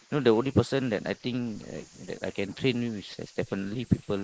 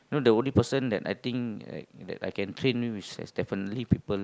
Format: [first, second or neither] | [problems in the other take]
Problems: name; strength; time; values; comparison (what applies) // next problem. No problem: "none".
second | noise reduction (neural mask model Resemble Enhance denoiser)